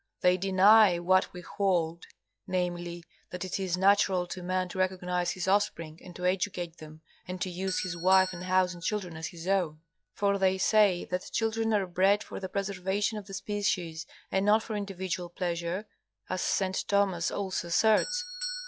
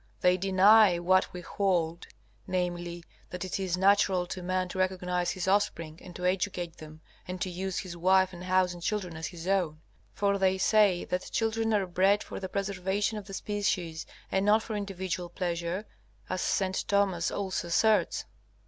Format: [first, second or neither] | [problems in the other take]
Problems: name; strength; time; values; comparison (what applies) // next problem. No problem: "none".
second | noise reduction (classical method log-MMSE)